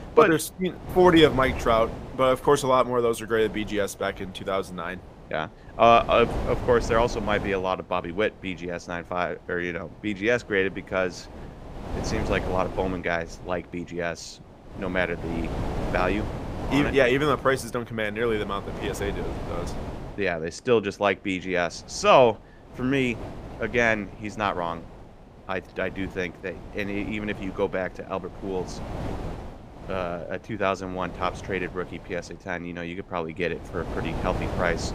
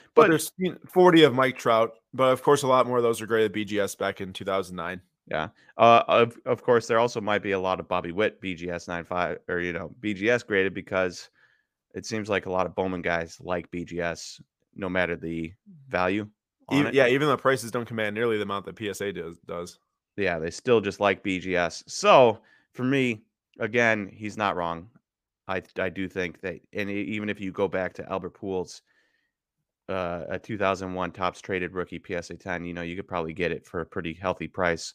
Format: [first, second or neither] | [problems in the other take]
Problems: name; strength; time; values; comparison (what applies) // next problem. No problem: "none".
second | wind noise on the microphone; occasional gusts; 15 dB below the speech